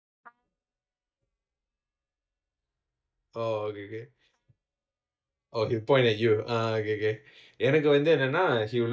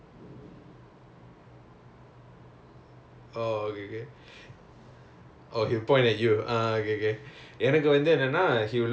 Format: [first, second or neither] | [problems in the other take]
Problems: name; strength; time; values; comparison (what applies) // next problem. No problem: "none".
second | noise reduction (neural mask model DeepFilterNet 3)